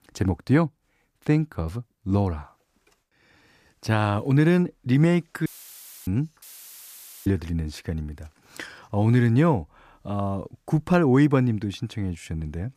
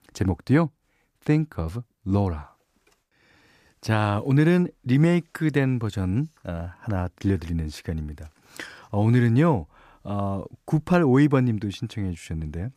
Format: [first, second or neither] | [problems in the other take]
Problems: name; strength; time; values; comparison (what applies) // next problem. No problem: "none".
second | audio cutting out; filled with static; at 5.5 s for 0.5 s and at 6.5 s for 1 s